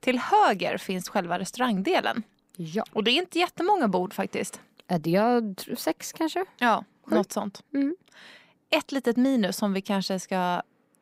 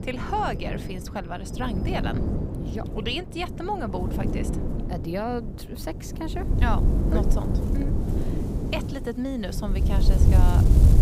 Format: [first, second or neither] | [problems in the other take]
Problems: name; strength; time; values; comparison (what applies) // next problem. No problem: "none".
first | wind noise on the microphone; heavy; 5 dB below the speech